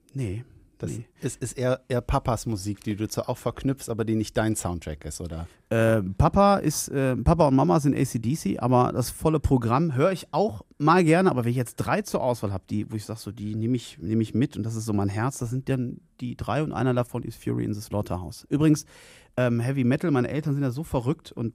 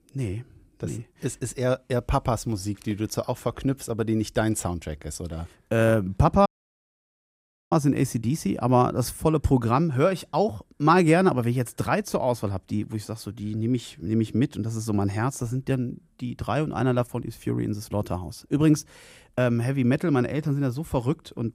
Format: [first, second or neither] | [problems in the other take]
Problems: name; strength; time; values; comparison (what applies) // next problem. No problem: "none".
first | audio cutting out; at 6.5 s for 1.5 s